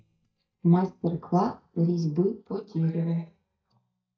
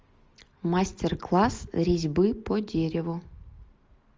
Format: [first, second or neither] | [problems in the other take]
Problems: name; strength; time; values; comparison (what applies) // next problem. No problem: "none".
second | noise reduction (neural mask model DeepFilterNet 3)